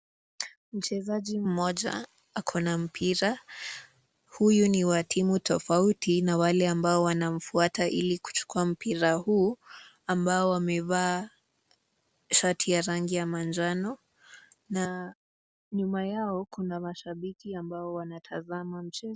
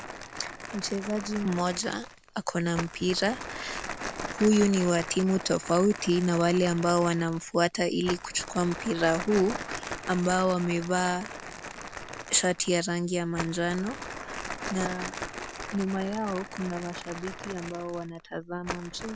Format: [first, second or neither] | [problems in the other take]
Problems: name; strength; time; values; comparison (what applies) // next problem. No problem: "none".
first | background sound (Crumpling, crinkling); 11 dB below the speech